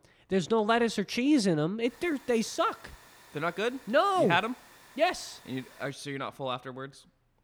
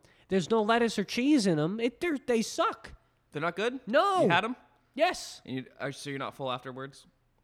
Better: second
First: hiss; faint; from 2 to 6 s; 25 dB below the speech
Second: none

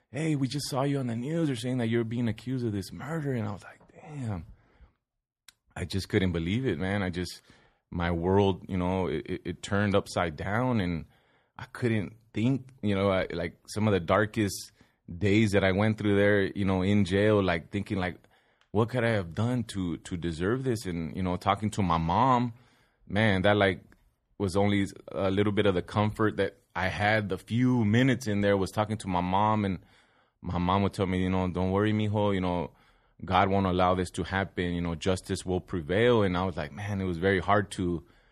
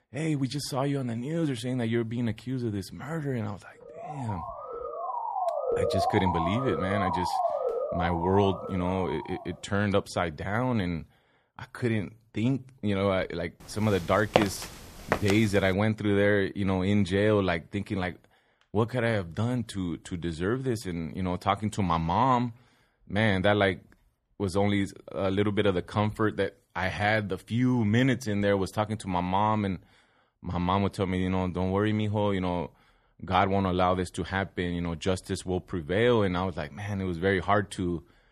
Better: first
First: none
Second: siren; loud; from 4 to 9.5 s; peak 1 dB above the speech // footsteps; loud; at 14 s; peak 1 dB above the speech

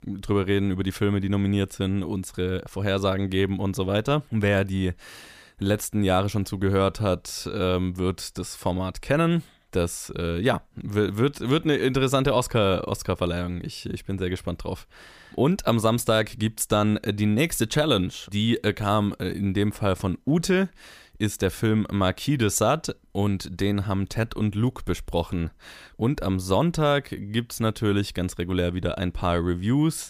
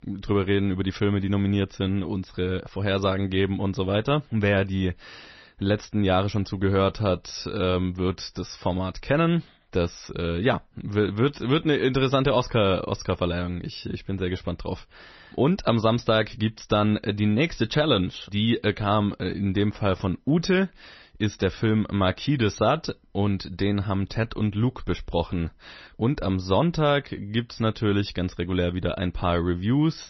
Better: first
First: none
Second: garbled, watery; slightly; nothing above 6 kHz

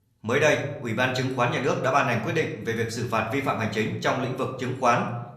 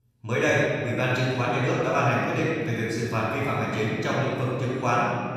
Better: first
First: room echo; slight; dies away in 0.7 s // off-mic speech; somewhat distant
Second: room echo; strong; dies away in 2.2 s // off-mic speech; far

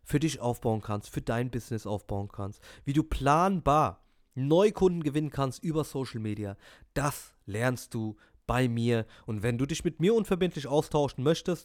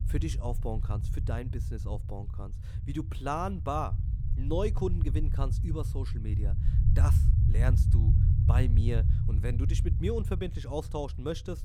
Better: first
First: none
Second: low rumble; loud; throughout; 7 dB below the speech

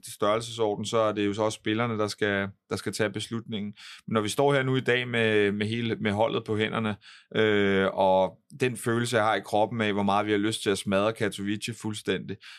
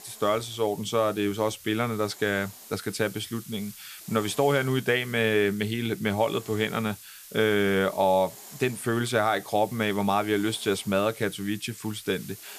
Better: first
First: none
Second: hiss; noticeable; throughout; 15 dB below the speech

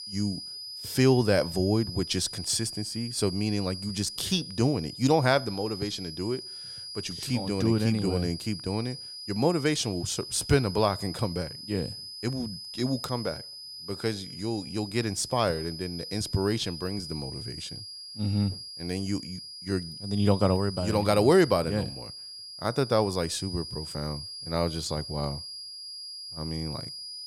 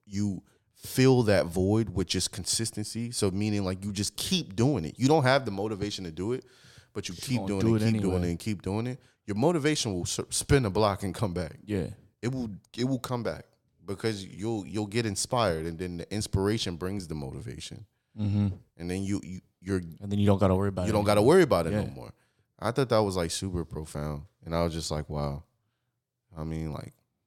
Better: second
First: high-pitched whine; loud; throughout; 5 kHz, 10 dB below the speech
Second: none

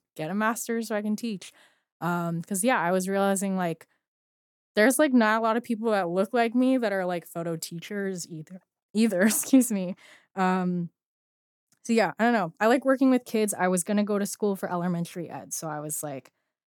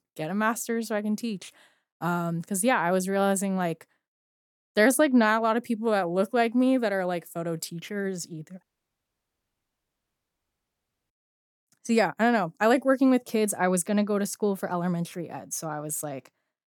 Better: first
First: none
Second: audio cutting out; at 8.5 s for 2.5 s

